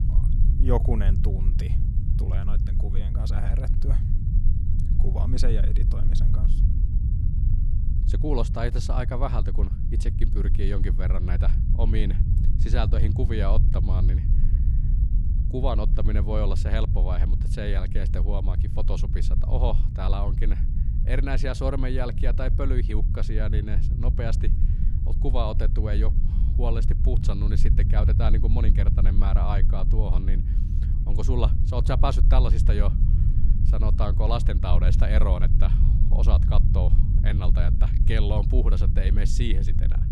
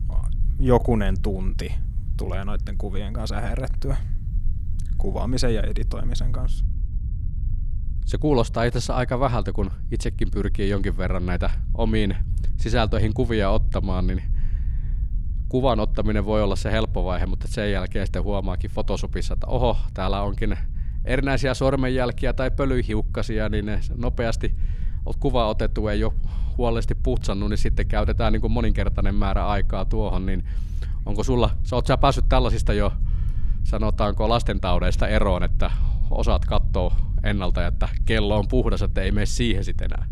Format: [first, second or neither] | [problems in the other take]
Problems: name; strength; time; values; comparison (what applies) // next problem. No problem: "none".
second | low rumble; loud; throughout; 7 dB below the speech; faint in the second